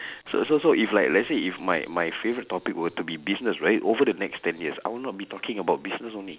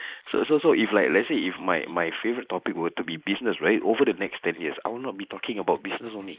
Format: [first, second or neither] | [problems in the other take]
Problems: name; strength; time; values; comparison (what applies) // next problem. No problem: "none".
first | noise reduction (neural mask model Resemble Enhance denoiser)